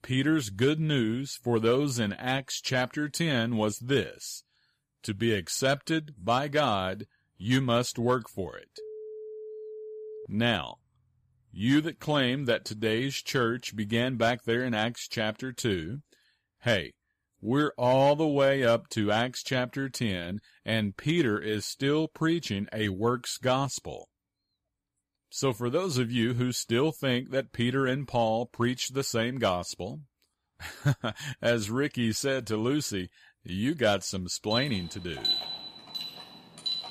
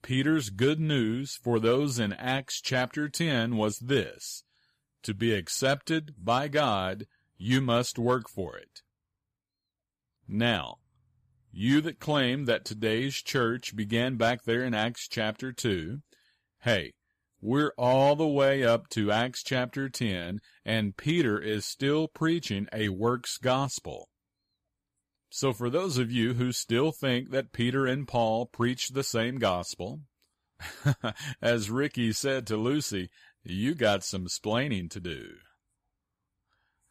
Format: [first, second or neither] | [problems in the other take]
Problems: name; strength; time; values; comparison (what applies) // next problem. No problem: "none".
second | phone ringing; faint; from 9 to 10 s; peak 15 dB below the speech // alarm; loud; from 35 s on; peak 1 dB above the speech